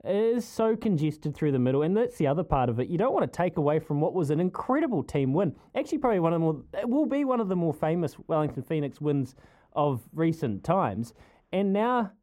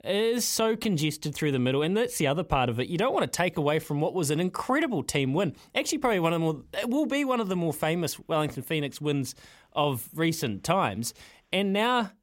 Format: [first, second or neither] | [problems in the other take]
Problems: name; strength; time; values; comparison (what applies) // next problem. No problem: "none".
second | muffled; very; fading above 2 kHz